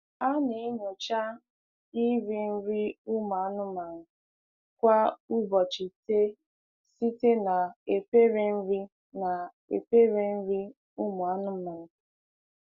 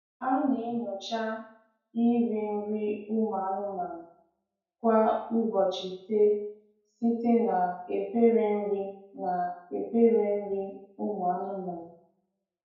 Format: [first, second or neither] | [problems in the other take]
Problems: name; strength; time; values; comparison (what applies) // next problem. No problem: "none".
first | room echo; dies away in 0.5 s